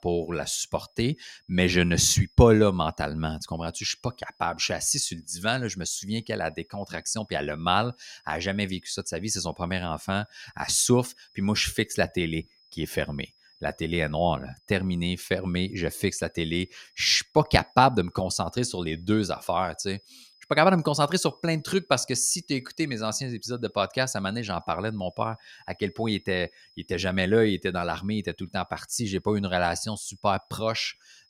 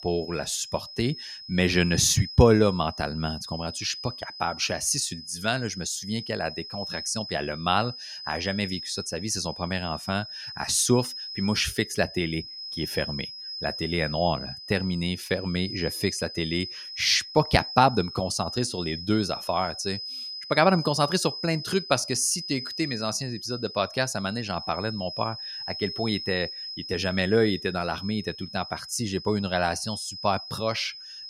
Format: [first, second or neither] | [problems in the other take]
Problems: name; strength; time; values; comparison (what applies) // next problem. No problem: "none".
first | high-pitched whine; loud; throughout; 5 kHz, 9 dB below the speech; faint in the first